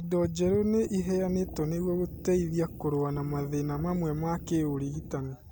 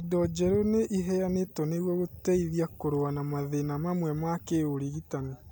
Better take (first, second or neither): second